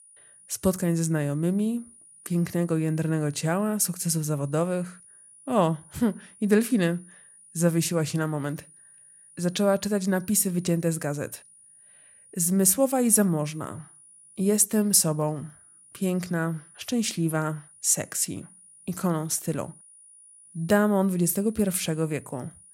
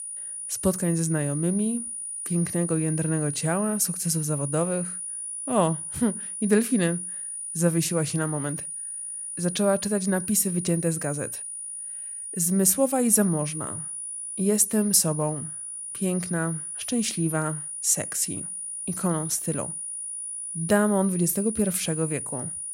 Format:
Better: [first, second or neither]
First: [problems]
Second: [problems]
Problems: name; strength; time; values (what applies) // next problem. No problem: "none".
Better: first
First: high-pitched whine; faint; throughout; 9.5 kHz, 25 dB below the speech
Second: high-pitched whine; loud; throughout; 9.5 kHz, 6 dB below the speech